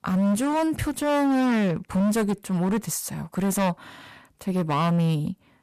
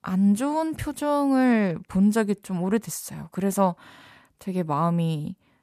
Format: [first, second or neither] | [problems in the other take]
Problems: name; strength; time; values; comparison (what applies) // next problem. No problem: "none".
second | distortion; heavy; 22% of the sound clipped